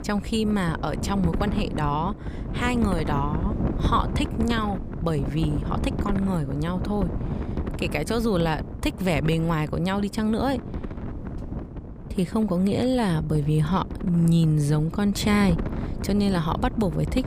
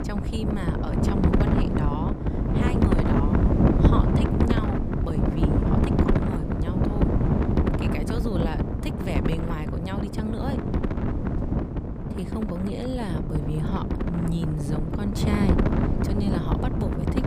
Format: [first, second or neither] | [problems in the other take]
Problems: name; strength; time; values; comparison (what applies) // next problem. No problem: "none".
first | wind noise on the microphone; heavy; 4 dB above the speech; occasional gusts in the first